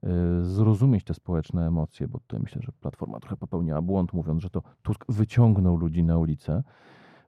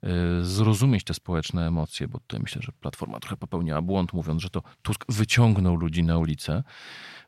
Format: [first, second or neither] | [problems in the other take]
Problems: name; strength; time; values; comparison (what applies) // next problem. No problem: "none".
second | muffled; very; fading above 1.5 kHz